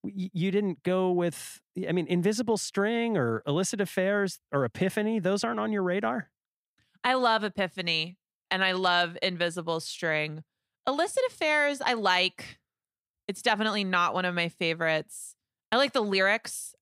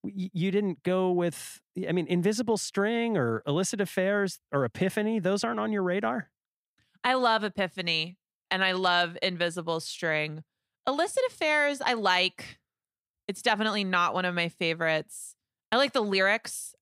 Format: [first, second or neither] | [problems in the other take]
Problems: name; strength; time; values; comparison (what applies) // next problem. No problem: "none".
neither | none